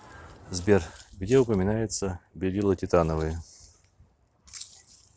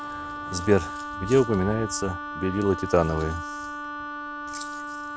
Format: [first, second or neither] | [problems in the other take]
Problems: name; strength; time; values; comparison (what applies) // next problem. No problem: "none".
first | background sound (Wind instrument, woodwind instrument); 7 dB below the speech